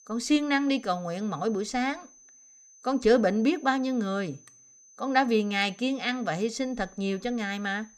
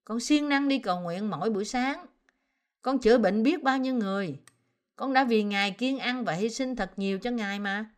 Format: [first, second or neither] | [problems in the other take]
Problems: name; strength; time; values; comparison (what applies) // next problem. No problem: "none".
second | high-pitched whine; faint; throughout; 6 kHz, 25 dB below the speech